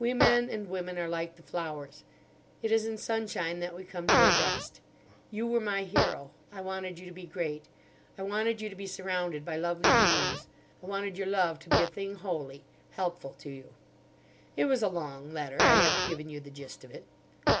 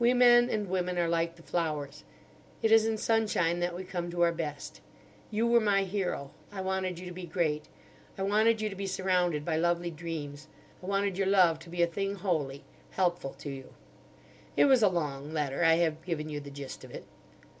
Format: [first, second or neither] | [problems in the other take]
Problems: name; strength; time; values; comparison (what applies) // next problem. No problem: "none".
second | background sound (Fart); as loud as the speech